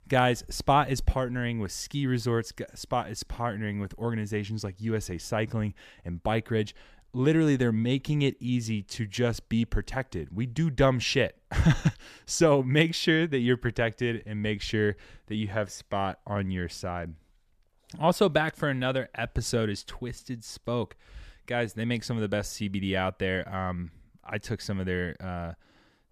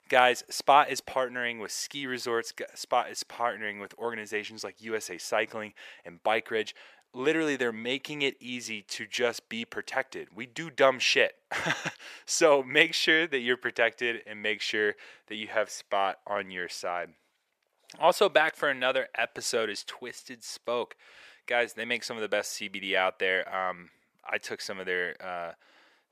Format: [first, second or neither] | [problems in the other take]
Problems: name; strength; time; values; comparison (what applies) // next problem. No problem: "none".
first | thin; very; fading below 550 Hz